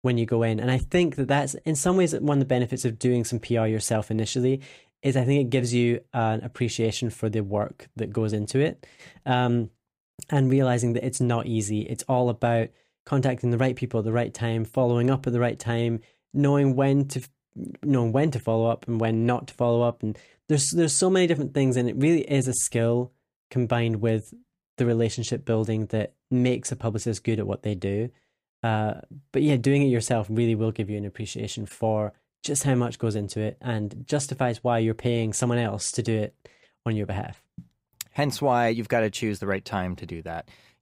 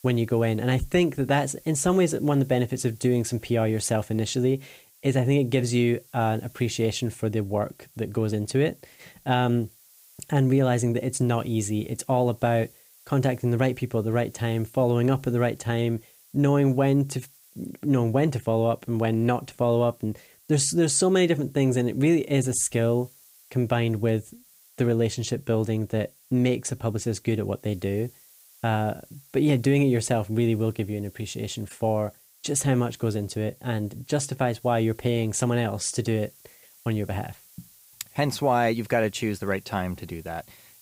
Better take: first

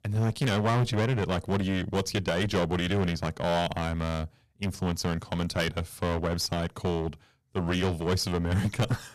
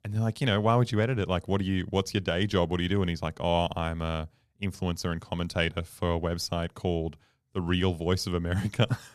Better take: second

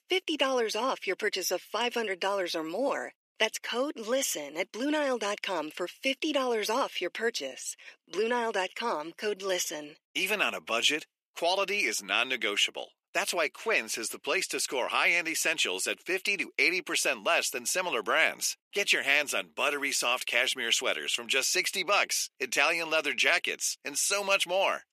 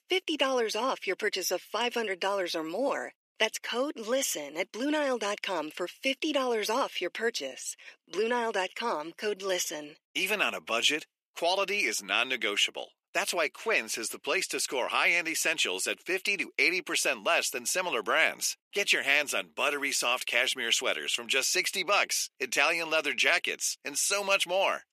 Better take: neither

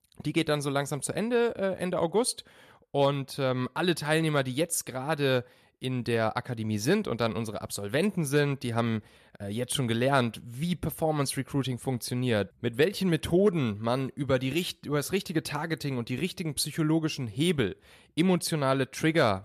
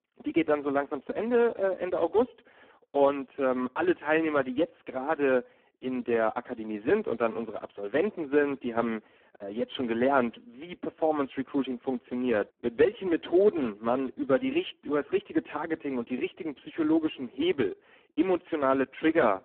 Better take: first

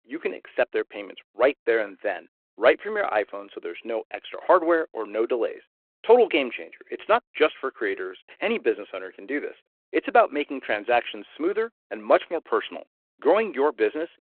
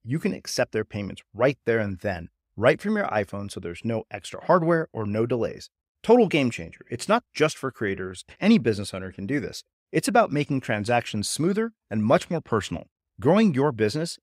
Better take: second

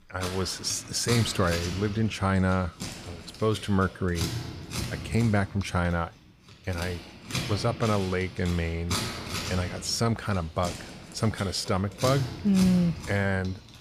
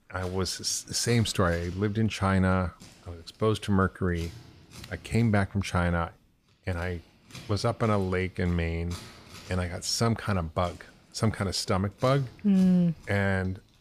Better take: second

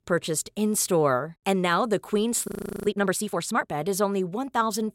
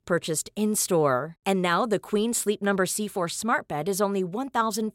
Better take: second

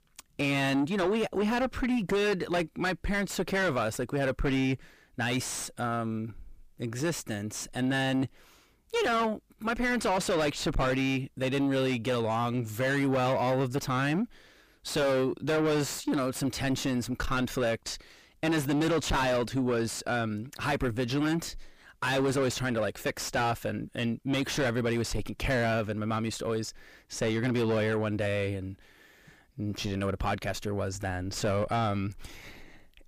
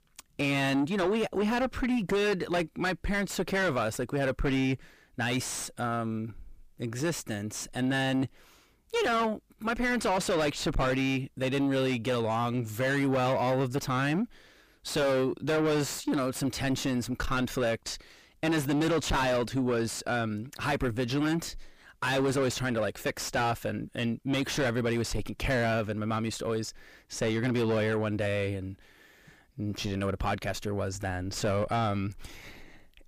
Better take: neither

